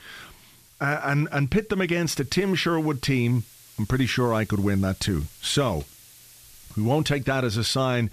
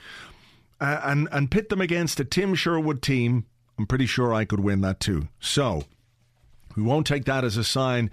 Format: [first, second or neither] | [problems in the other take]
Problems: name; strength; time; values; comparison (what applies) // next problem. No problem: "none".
second | hiss; faint; throughout; 25 dB below the speech